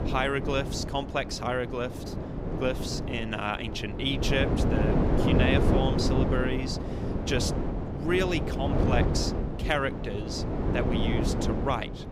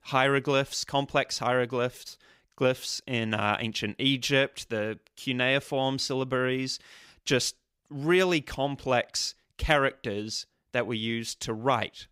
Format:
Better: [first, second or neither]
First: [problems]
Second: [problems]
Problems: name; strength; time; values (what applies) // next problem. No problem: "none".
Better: second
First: wind noise on the microphone; heavy; 3 dB below the speech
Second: none